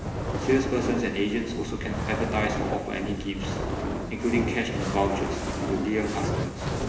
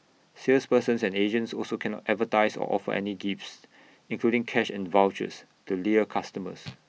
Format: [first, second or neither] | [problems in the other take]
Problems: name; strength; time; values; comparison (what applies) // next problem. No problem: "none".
second | background sound (Fire); 1 dB below the speech // room echo; dies away in 1 s